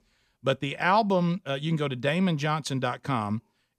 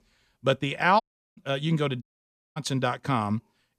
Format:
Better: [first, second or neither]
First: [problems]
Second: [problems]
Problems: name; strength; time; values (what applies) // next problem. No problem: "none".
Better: first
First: none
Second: audio cutting out; at 1 s and at 2 s for 0.5 s